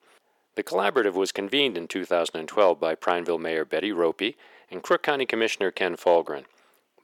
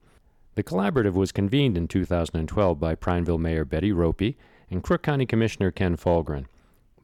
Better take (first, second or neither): second